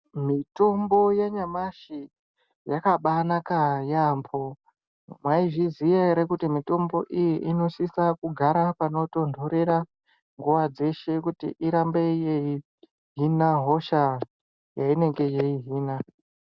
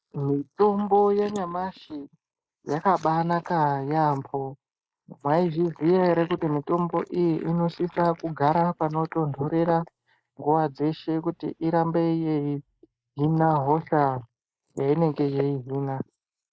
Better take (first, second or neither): first